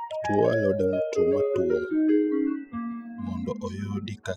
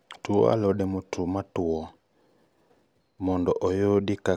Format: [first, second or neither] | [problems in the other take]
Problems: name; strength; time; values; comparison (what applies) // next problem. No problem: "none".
second | noise reduction (classical method spectral subtraction)